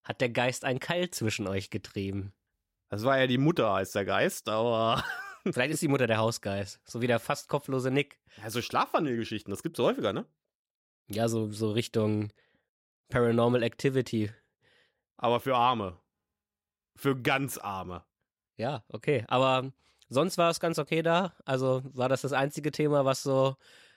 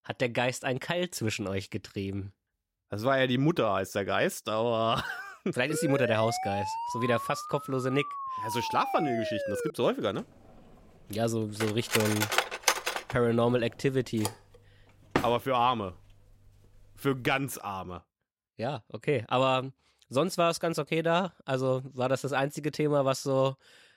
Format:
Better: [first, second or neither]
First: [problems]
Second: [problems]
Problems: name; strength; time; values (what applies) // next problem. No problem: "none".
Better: first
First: none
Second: siren; noticeable; from 5.5 to 9.5 s; peak 4 dB below the speech // clattering dishes; loud; from 12 to 15 s; peak 3 dB above the speech